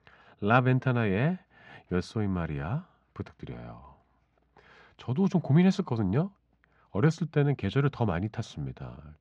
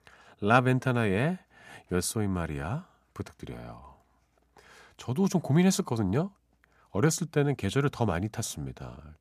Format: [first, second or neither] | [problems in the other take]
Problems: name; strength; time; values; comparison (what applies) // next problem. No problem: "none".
second | muffled; slightly; fading above 4 kHz